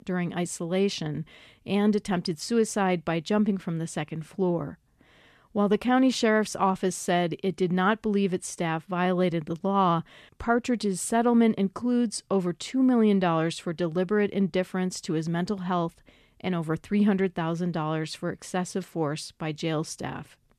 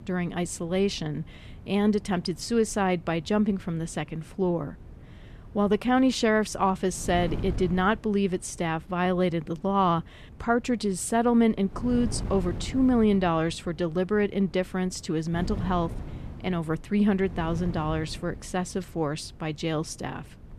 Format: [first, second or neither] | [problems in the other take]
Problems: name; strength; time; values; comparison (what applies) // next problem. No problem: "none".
first | wind noise on the microphone; occasional gusts; 20 dB below the speech